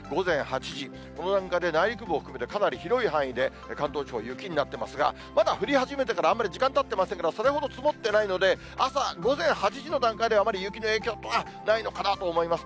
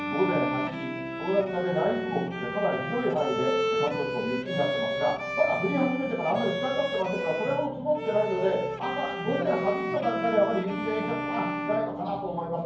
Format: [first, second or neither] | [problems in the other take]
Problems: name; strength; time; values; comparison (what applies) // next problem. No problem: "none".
first | background sound (Bowed string instrument); 4 dB below the speech // room echo; dies away in 0.9 s